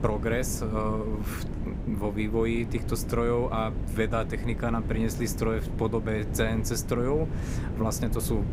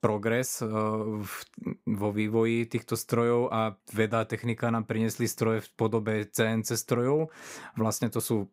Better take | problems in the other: second | wind noise on the microphone; occasional gusts; 10 dB below the speech

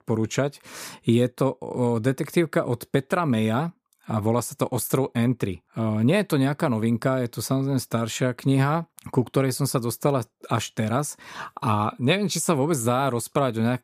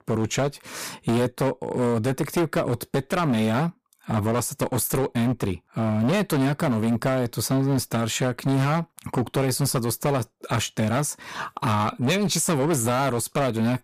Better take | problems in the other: first | distortion; heavy; 16% of the sound clipped

